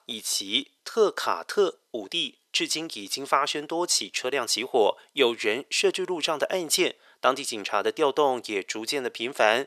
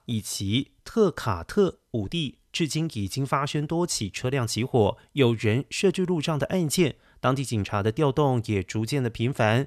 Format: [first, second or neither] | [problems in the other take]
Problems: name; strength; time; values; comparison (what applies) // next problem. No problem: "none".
second | thin; very; fading below 400 Hz